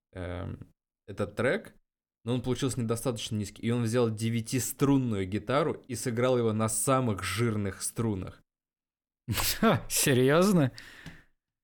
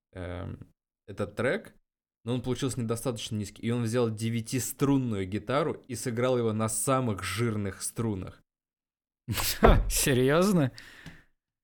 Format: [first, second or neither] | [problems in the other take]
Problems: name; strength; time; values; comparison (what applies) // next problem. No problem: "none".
first | door banging; loud; at 9.5 s; peak 4 dB above the speech